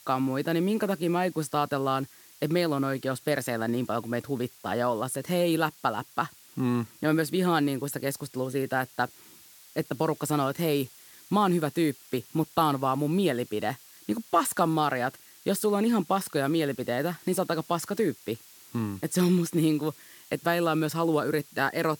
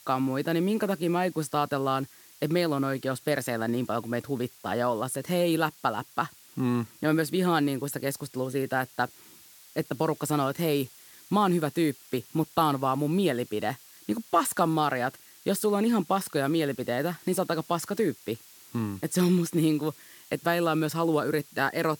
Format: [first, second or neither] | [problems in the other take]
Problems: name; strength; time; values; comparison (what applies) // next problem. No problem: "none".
neither | hiss; faint; throughout; 20 dB below the speech; the same in both